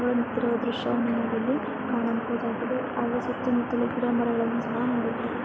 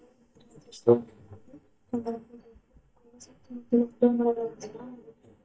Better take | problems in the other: first | noise reduction (neural mask model DeepFilterNet 3)

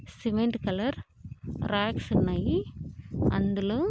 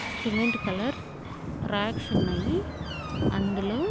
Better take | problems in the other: first | background sound (Door); 7 dB below the speech

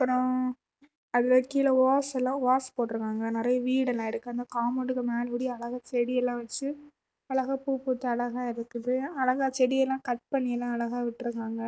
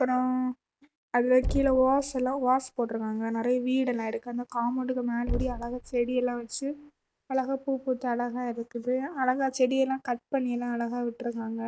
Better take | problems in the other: first | background sound (Knock); 11 dB below the speech

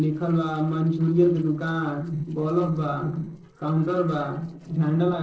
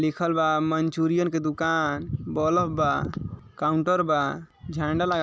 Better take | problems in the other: second | noise reduction (neural separator model SepFormer DNS4)

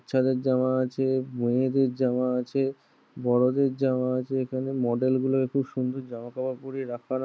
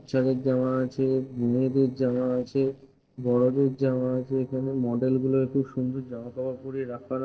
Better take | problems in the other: first | noise reduction (neural separator model SepFormer DNS4)

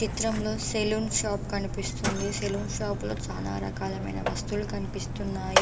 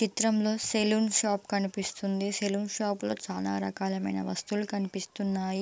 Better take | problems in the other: second | background sound (Mechanisms); as loud as the speech // room echo; dies away in 1.2 s

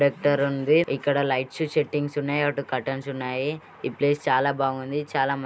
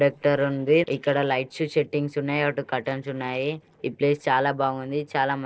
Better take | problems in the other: first | noise reduction (neural separator model SepFormer DNS4)

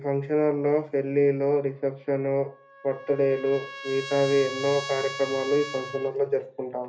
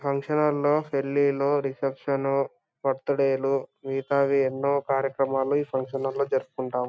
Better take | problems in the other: second | background sound (Trumpet); 14 dB below the speech // room echo; dies away in 0.3 s

